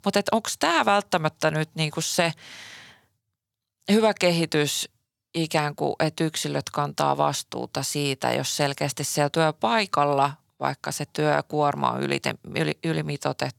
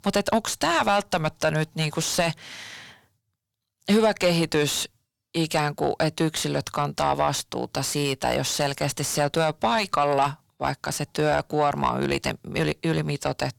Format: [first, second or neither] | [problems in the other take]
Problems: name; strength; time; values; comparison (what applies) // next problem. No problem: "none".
first | distortion; slight; 10 dB below the speech